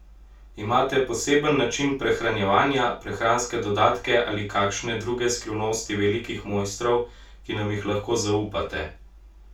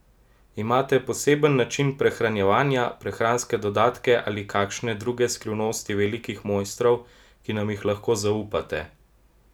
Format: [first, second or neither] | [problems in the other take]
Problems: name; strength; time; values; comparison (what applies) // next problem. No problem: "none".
second | room echo; dies away in 0.2 s